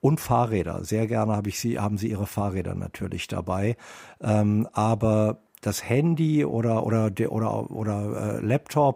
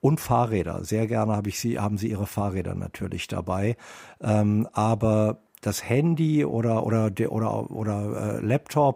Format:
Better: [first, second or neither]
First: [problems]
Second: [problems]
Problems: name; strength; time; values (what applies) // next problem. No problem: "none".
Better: neither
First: none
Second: none